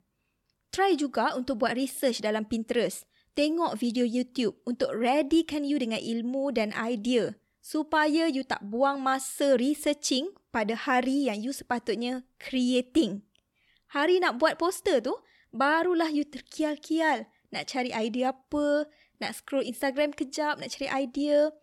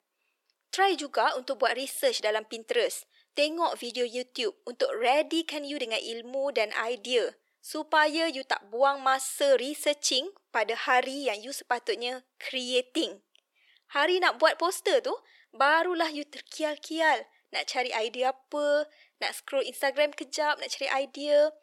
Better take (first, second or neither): first